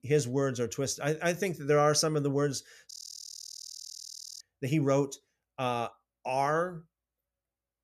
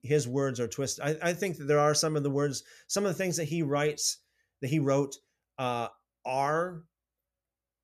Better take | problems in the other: second | audio freezing; at 3 s for 1.5 s

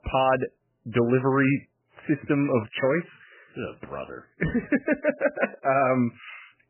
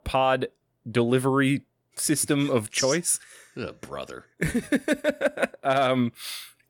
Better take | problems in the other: second | garbled, watery; badly; nothing above 3 kHz

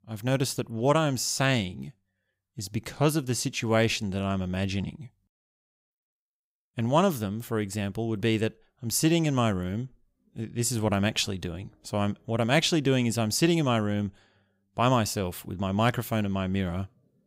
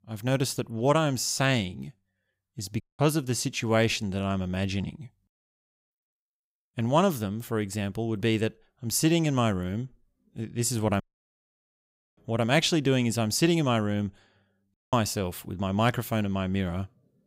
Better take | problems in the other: first | audio cutting out; at 3 s, at 11 s for 1 s and at 15 s

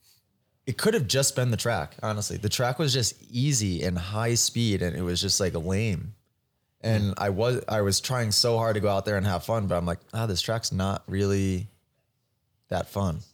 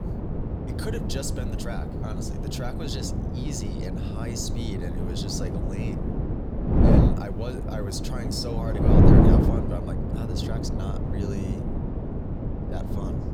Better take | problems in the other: first | wind noise on the microphone; heavy; 4 dB above the speech

